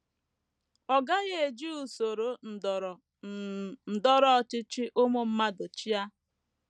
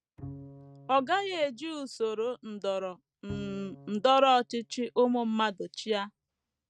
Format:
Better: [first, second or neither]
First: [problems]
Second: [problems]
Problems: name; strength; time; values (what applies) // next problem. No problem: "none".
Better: first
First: none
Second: noise reduction (neural mask model RNNoise)